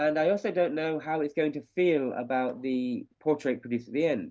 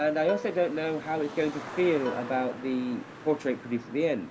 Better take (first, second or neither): first